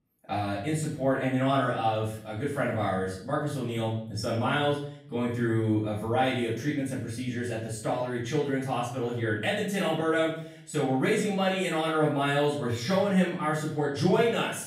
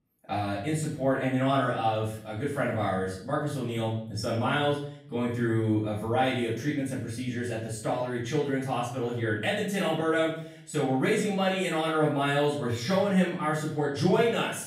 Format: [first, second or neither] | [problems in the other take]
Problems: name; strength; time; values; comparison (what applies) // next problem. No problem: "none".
neither | off-mic speech; far; the same in both // room echo; noticeable; dies away in 0.5 s; the same in both